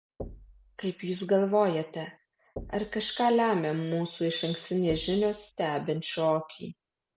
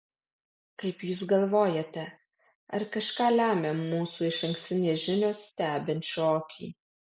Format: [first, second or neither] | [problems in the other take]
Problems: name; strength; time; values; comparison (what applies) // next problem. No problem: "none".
second | background sound (Knock / Wood); 19 dB below the speech